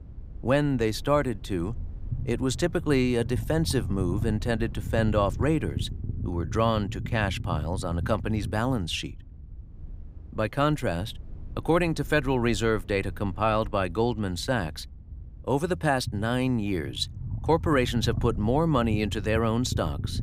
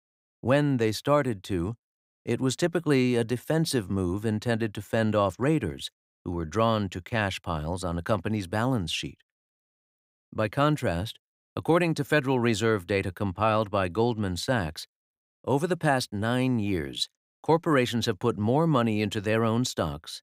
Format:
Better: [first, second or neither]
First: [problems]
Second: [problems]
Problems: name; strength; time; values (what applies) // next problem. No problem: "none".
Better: second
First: low rumble; faint; throughout; 20 dB below the speech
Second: none